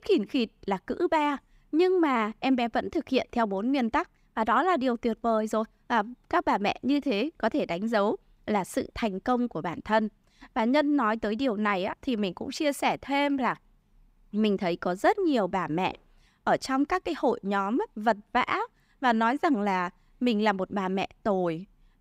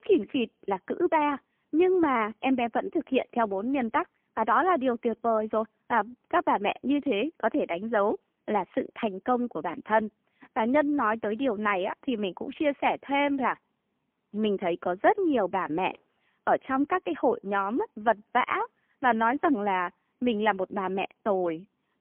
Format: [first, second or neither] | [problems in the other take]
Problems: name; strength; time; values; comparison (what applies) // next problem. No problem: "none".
first | phone-call audio; poor line; nothing above 3 kHz